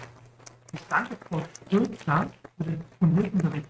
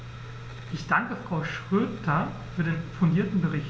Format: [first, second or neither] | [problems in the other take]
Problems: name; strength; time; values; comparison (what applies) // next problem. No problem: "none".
second | noise reduction (neural mask model RNNoise)